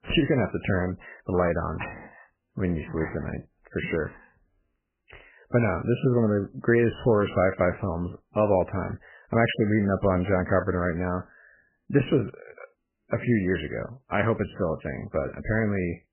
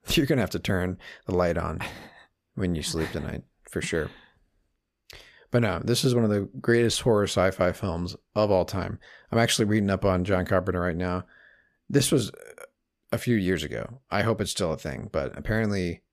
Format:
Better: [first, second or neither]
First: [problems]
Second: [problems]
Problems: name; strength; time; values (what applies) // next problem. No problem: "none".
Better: second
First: garbled, watery; badly; nothing above 3 kHz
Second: none